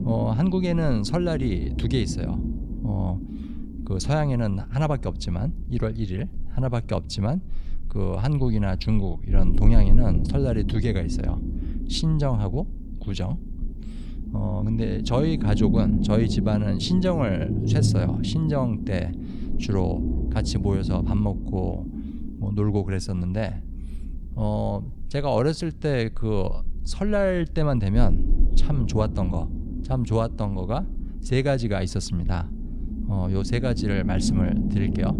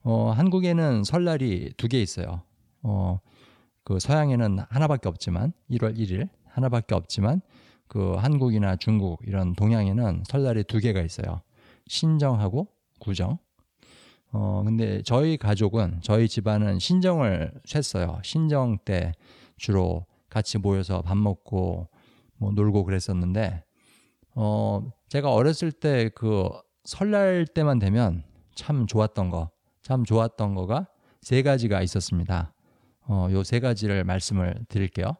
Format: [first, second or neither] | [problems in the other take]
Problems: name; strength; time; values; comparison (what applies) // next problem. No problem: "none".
second | low rumble; loud; throughout; 7 dB below the speech